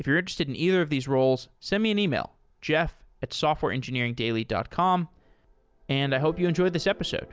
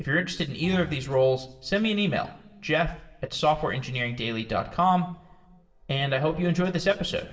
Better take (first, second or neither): first